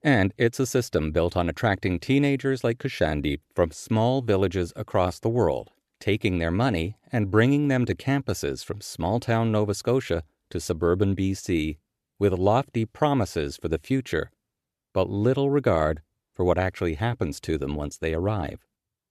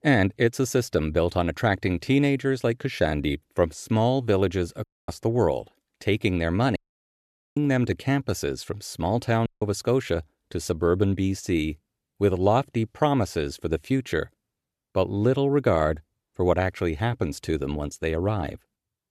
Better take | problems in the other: first | audio cutting out; at 5 s, at 7 s for 1 s and at 9.5 s

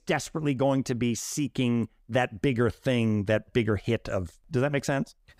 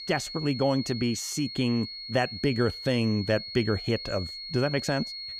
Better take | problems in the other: first | high-pitched whine; loud; throughout; 4.5 kHz, 8 dB below the speech

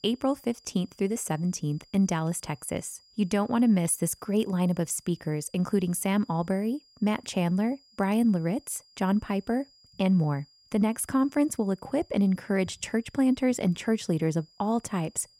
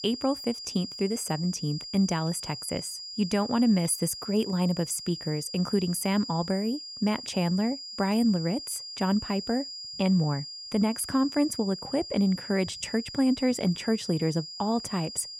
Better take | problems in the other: first | high-pitched whine; loud; throughout; 5 kHz, 9 dB below the speech; faint in the first

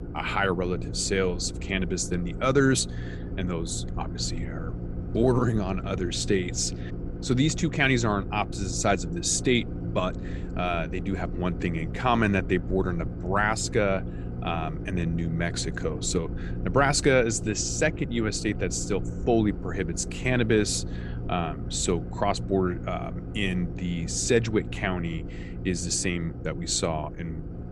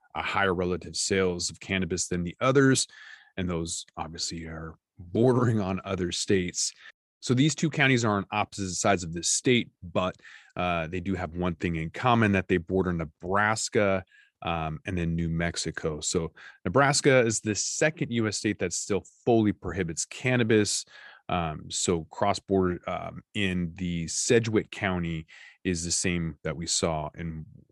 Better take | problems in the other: second | low rumble; noticeable; throughout; 15 dB below the speech

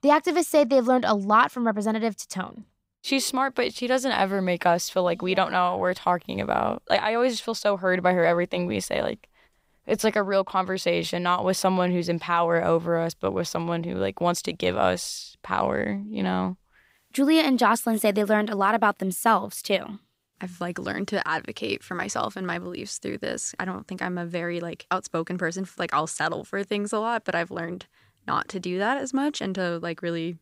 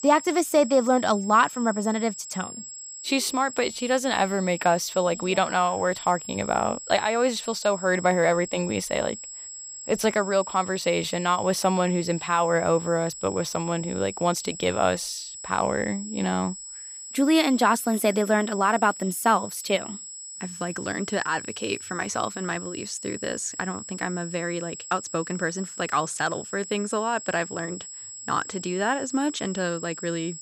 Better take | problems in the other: first | high-pitched whine; noticeable; throughout; 7.5 kHz, 10 dB below the speech

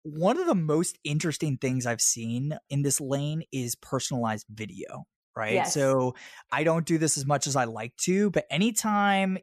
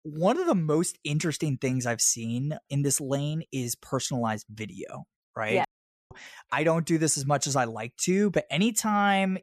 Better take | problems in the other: first | audio cutting out; at 5.5 s

